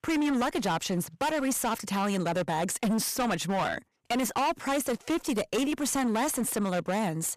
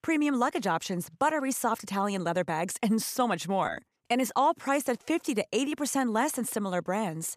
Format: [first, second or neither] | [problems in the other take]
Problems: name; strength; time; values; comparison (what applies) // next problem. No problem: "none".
second | distortion; heavy; 22% of the sound clipped